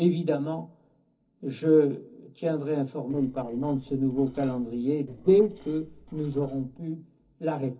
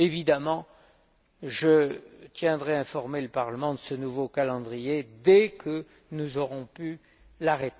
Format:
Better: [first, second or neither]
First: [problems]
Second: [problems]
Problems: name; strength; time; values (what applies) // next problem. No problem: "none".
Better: second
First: noise reduction (neural separator model SepFormer DNS4)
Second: none